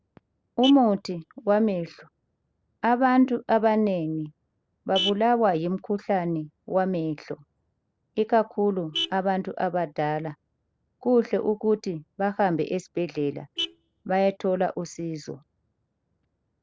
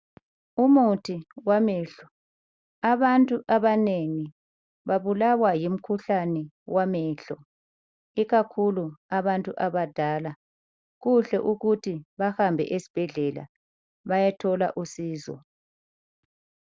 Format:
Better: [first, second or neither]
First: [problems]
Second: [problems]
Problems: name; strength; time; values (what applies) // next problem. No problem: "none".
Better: second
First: background sound (Vehicle horn, car horn, honking); 15 dB below the speech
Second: none